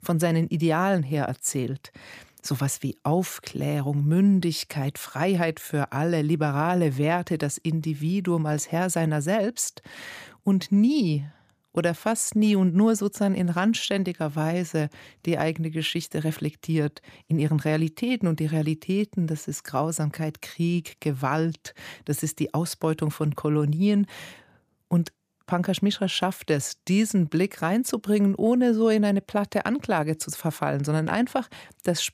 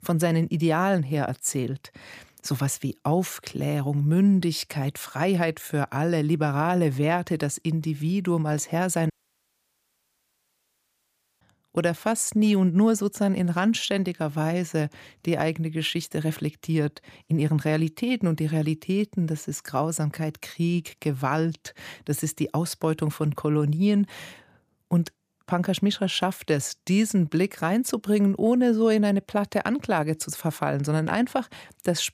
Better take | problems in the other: first | audio cutting out; at 9 s for 2.5 s

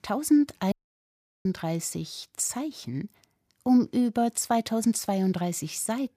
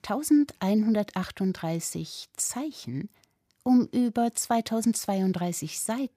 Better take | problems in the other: second | audio cutting out; at 0.5 s for 0.5 s

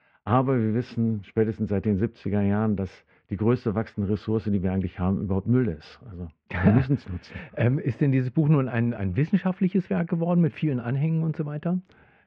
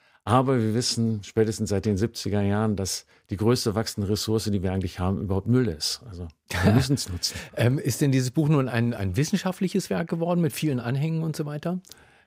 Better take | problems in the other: second | muffled; very; fading above 2.5 kHz

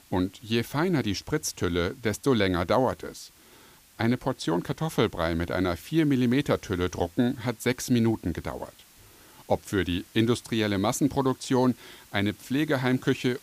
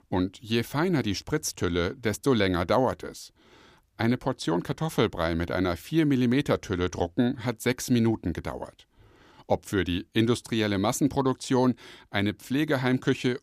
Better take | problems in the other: second | hiss; faint; throughout; 25 dB below the speech

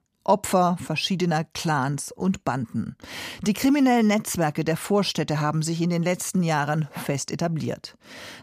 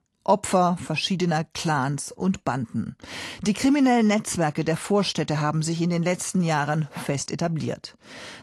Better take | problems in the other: first | garbled, watery; slightly; nothing above 11 kHz

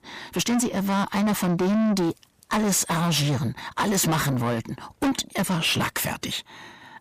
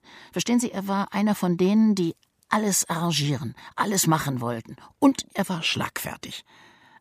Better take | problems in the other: second | distortion; heavy; 6 dB below the speech

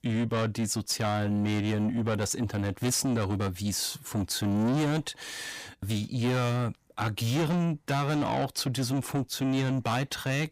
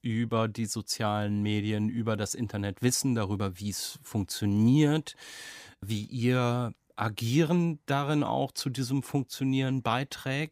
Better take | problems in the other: second | distortion; heavy; 7 dB below the speech

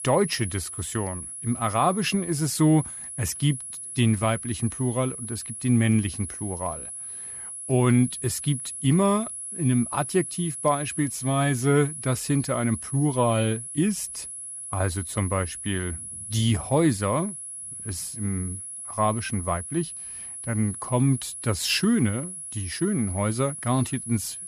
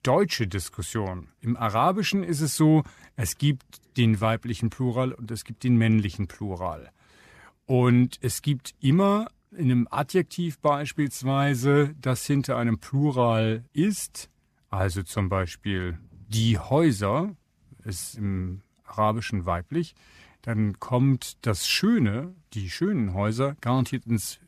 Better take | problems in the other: second | high-pitched whine; loud; throughout; 10.5 kHz, 8 dB below the speech

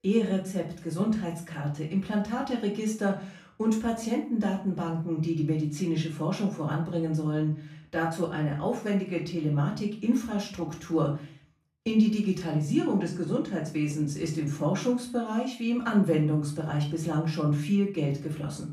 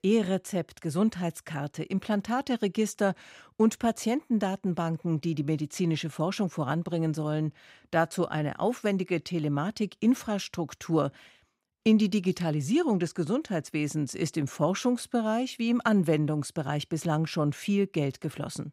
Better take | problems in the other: second | off-mic speech; far // room echo; slight; dies away in 0.4 s

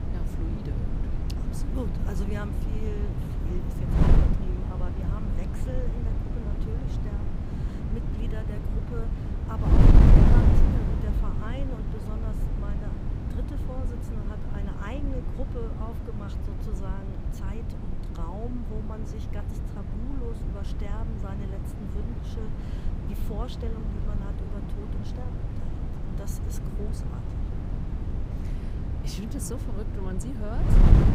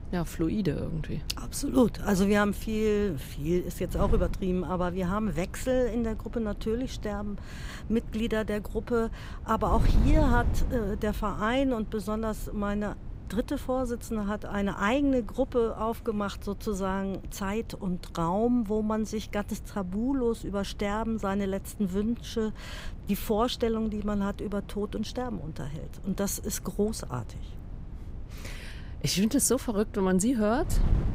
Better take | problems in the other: second | wind noise on the microphone; heavy; 3 dB above the speech; occasional gusts in the second

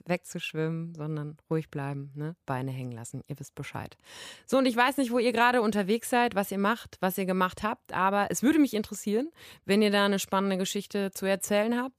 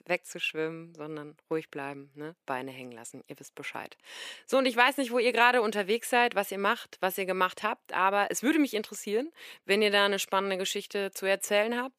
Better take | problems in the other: first | thin; very slightly; fading below 350 Hz

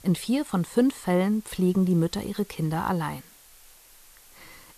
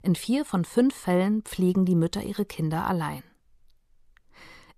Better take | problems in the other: second | hiss; faint; throughout; 25 dB below the speech

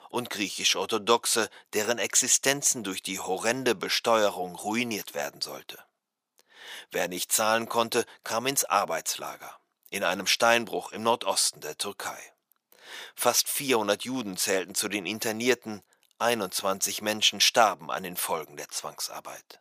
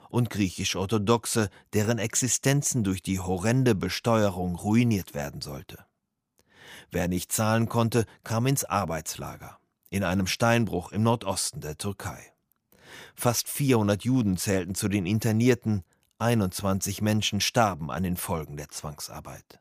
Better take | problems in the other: second | thin; somewhat; fading below 450 Hz

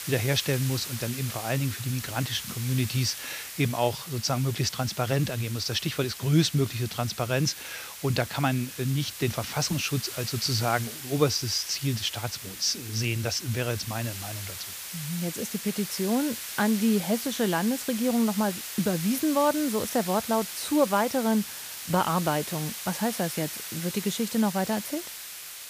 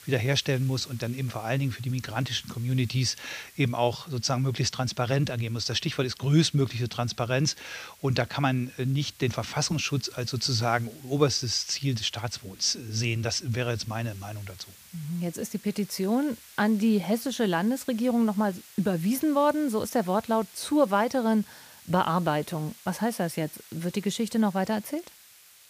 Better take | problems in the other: second | hiss; loud; throughout; 8 dB below the speech; faint in the second

